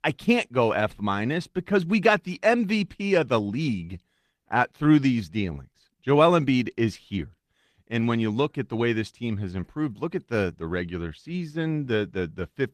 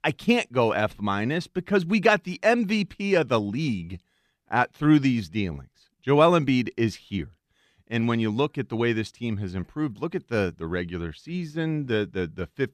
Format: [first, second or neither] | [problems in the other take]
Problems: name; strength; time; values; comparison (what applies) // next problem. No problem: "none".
second | garbled, watery; slightly; nothing above 14.5 kHz